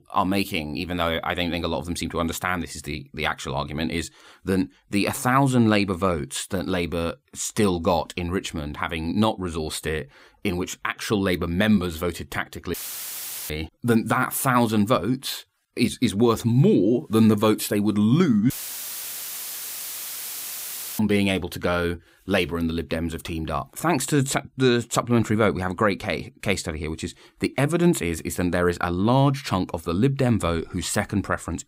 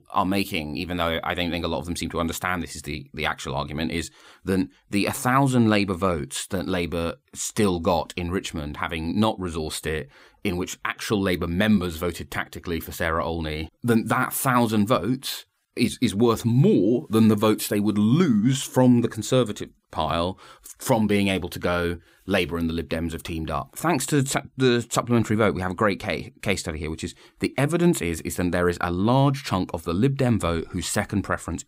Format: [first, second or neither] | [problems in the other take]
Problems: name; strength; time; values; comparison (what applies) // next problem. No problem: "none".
second | audio cutting out; filled with static; at 13 s for 1 s and at 19 s for 2.5 s